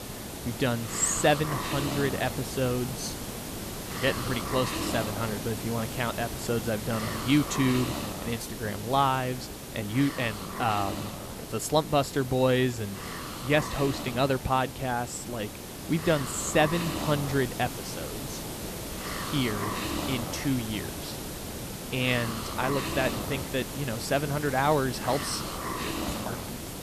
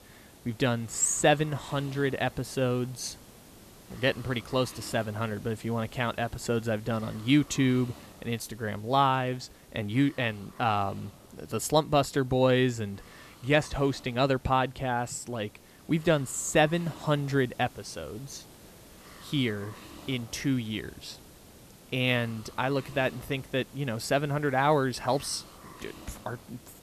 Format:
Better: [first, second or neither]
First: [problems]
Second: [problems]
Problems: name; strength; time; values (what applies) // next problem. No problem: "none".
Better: second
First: hiss; loud; throughout; 6 dB below the speech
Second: hiss; faint; throughout; 20 dB below the speech